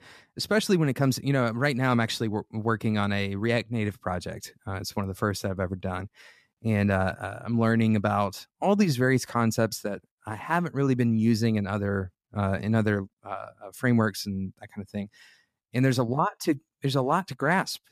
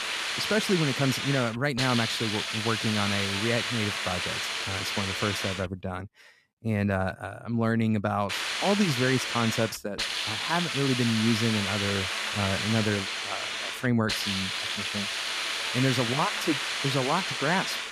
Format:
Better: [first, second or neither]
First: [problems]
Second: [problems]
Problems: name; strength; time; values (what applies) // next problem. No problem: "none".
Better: first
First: none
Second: hiss; loud; until 6 s and from 8.5 s on; as loud as the speech